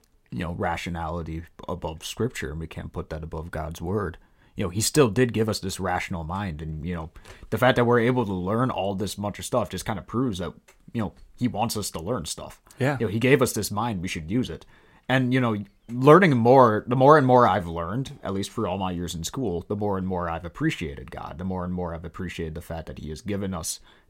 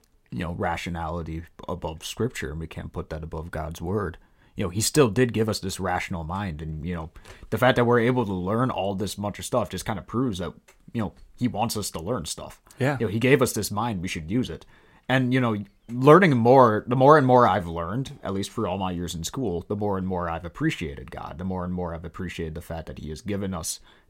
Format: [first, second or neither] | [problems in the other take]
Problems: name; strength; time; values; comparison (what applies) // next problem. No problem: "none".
neither | none